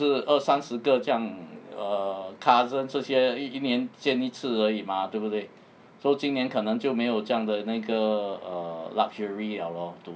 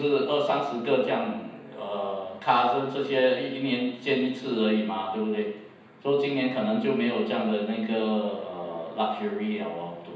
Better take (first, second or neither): first